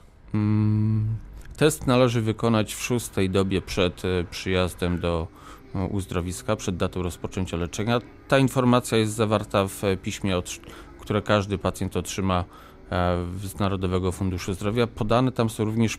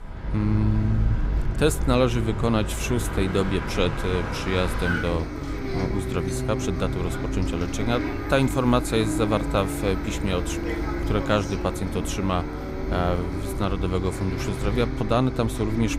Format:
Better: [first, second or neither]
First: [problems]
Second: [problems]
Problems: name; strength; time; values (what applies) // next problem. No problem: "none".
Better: first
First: traffic noise; faint; throughout; 25 dB below the speech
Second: traffic noise; loud; throughout; 3 dB below the speech